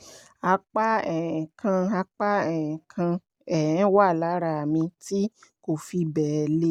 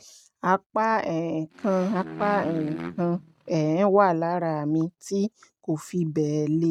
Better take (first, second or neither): first